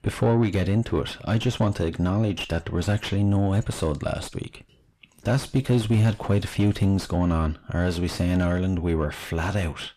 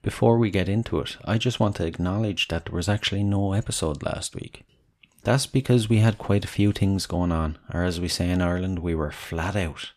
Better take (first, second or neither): second